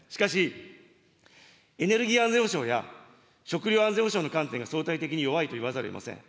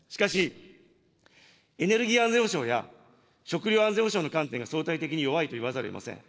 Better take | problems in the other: first | noise reduction (neural separator model SepFormer DNS4)

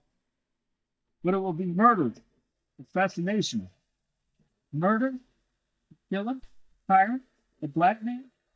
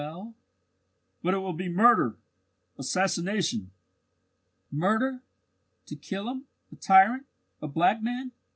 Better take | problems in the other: second | noise reduction (neural mask model DeepFilterNet 3)

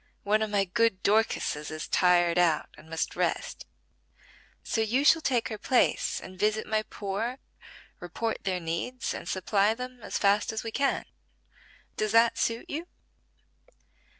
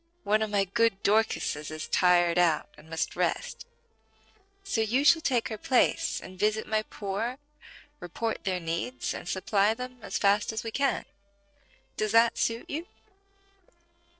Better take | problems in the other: first | noise reduction (neural separator model SepFormer DNS4)

